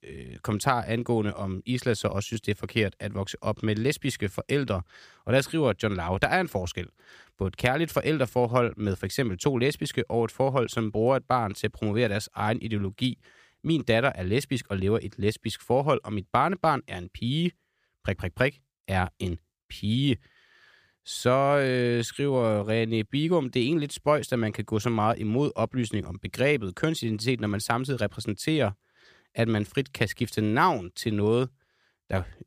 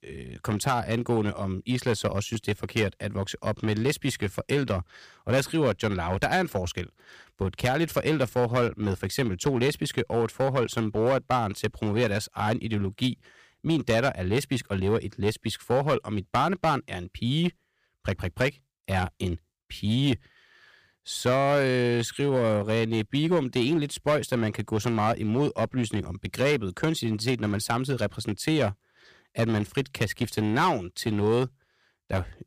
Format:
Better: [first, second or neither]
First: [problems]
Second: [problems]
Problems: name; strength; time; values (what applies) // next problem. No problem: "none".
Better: first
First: none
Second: distortion; slight; 5% of the sound clipped